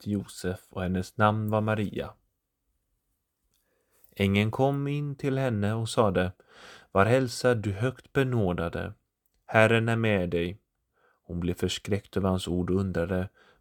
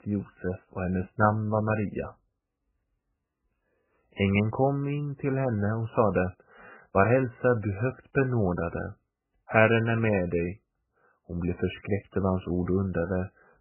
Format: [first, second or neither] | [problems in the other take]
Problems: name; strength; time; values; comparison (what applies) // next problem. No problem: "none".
first | garbled, watery; badly; nothing above 3 kHz